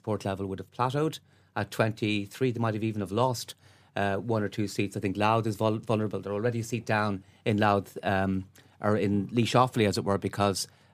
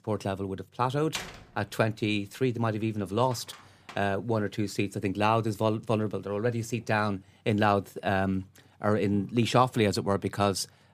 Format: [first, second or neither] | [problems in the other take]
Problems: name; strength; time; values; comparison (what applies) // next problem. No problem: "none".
first | door banging; noticeable; from 1 to 4 s; peak 8 dB below the speech